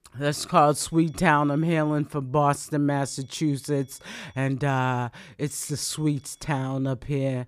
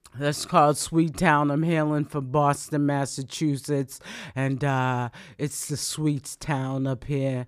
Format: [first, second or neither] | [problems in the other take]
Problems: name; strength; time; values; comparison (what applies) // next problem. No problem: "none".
second | high-pitched whine; faint; from 1 to 2 s, from 3 to 4.5 s and from 5.5 to 6.5 s; 3.5 kHz, 35 dB below the speech